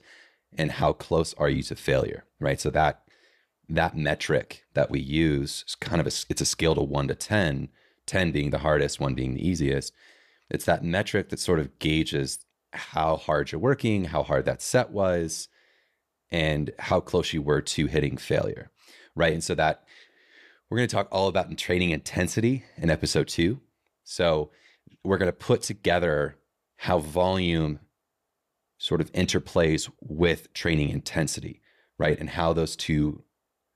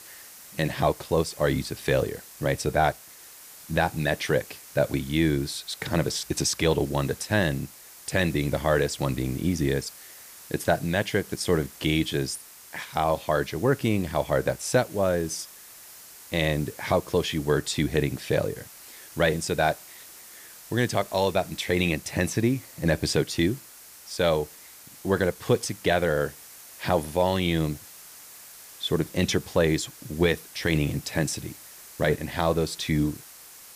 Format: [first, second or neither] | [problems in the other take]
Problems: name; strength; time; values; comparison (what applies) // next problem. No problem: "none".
first | hiss; noticeable; throughout; 20 dB below the speech